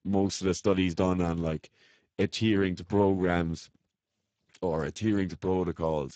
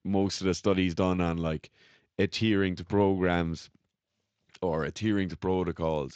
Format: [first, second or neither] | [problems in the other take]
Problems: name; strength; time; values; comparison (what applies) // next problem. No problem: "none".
second | garbled, watery; badly; nothing above 7.5 kHz; slightly in the second